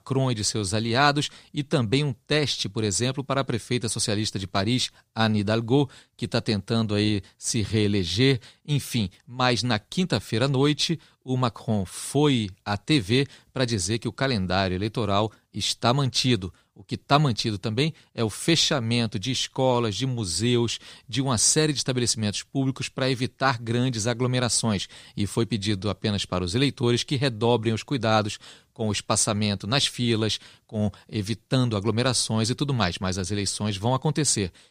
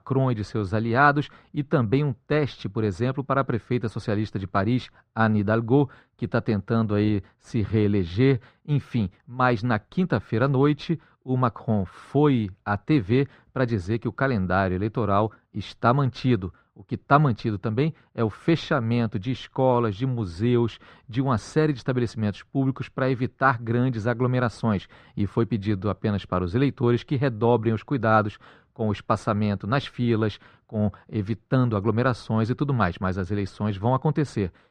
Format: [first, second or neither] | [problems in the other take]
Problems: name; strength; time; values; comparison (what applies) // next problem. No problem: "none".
first | muffled; very; fading above 4 kHz